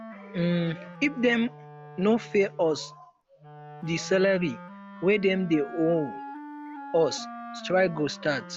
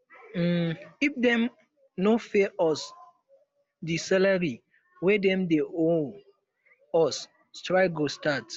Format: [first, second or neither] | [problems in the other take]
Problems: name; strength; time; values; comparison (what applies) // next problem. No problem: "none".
second | background sound (Wind instrument, woodwind instrument); 15 dB below the speech